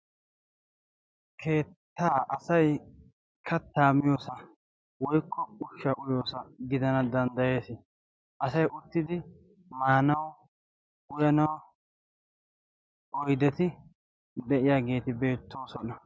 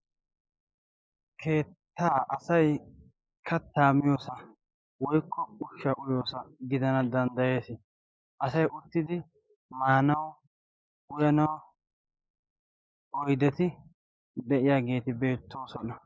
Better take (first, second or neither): first